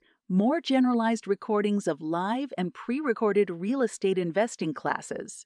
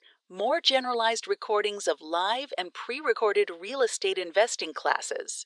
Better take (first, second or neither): first